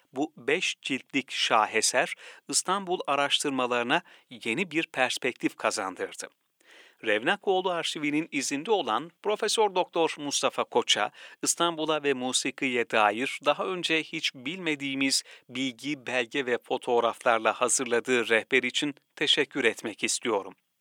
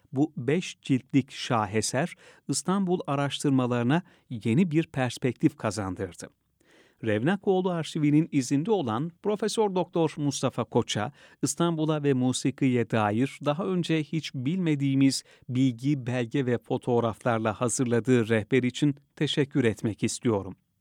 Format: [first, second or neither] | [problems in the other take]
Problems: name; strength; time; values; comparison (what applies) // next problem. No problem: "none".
second | thin; somewhat; fading below 550 Hz